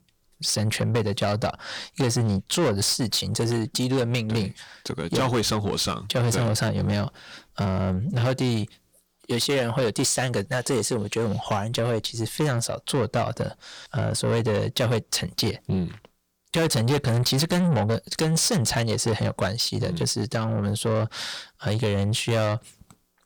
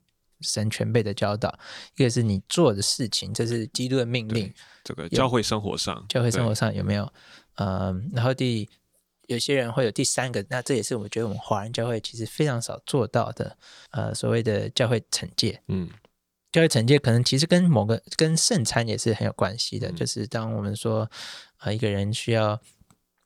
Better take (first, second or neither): second